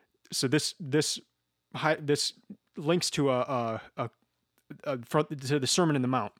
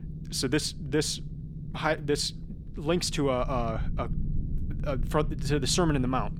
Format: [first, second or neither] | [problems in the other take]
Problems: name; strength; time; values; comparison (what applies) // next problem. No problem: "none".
first | low rumble; noticeable; throughout; 20 dB below the speech